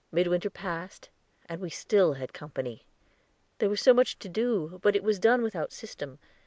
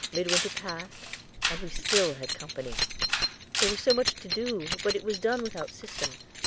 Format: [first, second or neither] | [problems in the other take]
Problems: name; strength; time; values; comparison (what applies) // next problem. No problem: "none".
first | background sound (Camera + Keys jangling); as loud as the speech